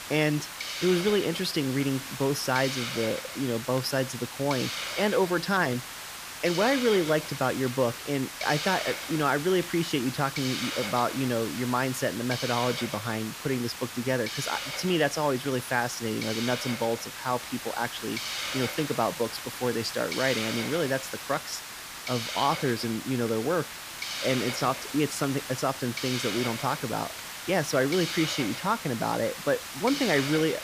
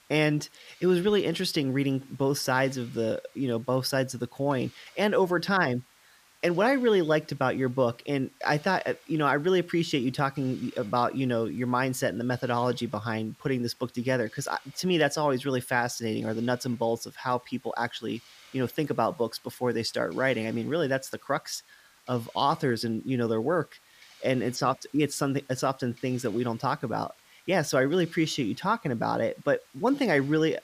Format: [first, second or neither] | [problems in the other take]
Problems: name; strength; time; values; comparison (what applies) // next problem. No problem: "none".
second | hiss; loud; throughout; 6 dB below the speech; faint in the second